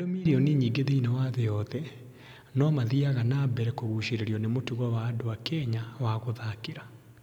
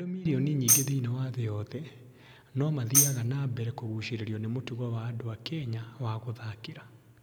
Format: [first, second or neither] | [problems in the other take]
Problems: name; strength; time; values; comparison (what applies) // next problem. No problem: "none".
first | background sound (Tambourine); 2 dB above the speech